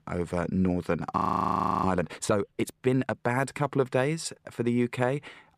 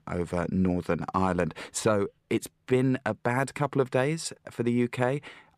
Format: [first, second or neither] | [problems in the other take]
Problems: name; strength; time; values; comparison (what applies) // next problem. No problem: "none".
second | audio freezing; at 1 s for 0.5 s